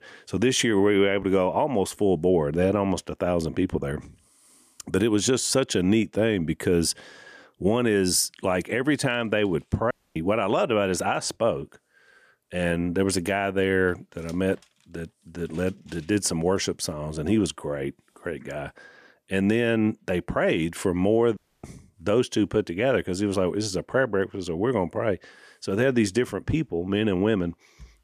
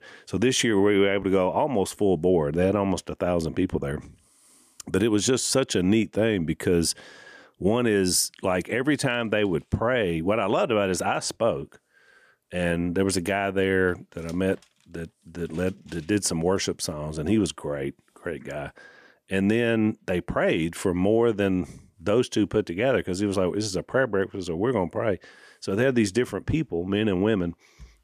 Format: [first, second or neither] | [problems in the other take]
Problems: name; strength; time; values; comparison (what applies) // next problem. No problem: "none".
second | audio cutting out; at 10 s and at 21 s